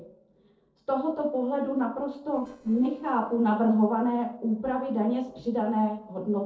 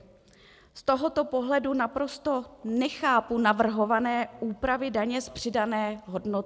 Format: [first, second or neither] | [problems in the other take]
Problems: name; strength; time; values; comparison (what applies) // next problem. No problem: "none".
second | noise reduction (neural separator model SepFormer DNS4)